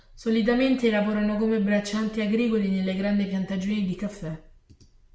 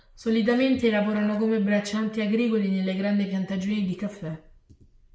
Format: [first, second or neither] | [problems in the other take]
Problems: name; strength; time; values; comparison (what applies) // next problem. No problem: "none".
first | noise reduction (neural mask model Resemble Enhance denoiser)